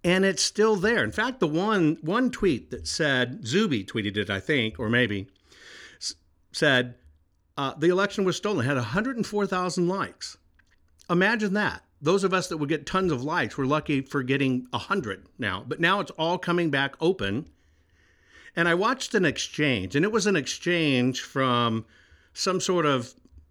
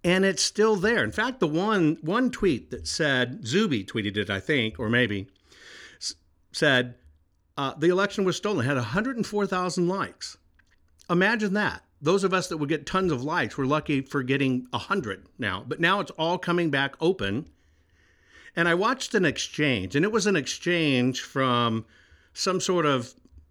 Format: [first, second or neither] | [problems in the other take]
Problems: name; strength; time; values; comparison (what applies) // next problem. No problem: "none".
neither | none